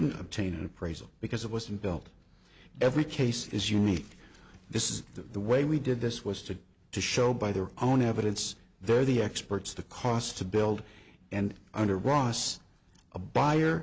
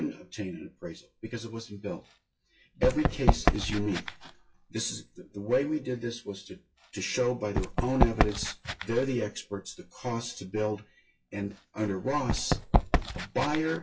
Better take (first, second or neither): first